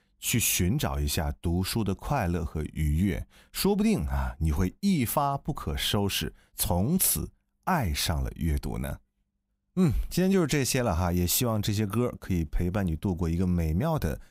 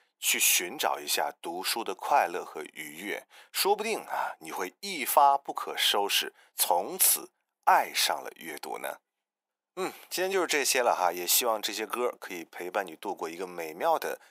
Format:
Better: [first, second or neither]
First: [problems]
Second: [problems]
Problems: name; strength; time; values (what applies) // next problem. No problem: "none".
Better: first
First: none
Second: thin; very; fading below 400 Hz